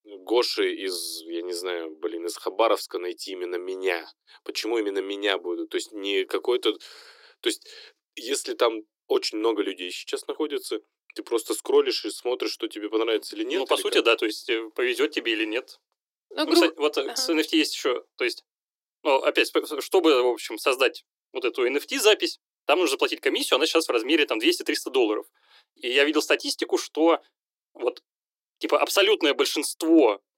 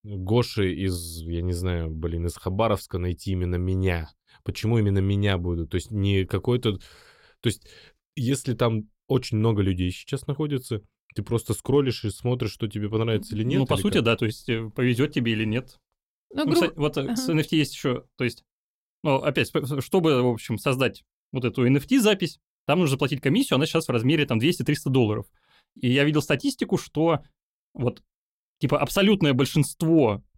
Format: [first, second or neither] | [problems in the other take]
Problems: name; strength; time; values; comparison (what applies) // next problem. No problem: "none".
second | thin; very; fading below 300 Hz